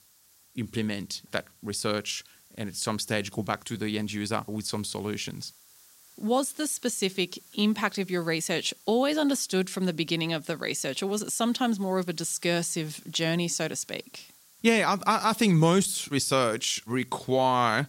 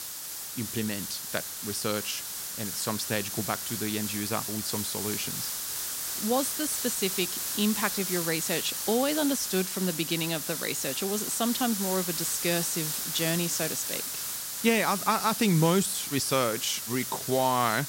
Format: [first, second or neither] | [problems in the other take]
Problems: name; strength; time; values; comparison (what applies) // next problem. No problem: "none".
first | hiss; loud; throughout; 2 dB below the speech; faint in the first